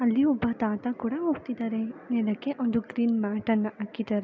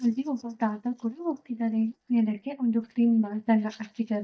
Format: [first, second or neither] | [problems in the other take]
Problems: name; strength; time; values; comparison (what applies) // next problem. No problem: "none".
first | noise reduction (neural mask model DeepFilterNet 3)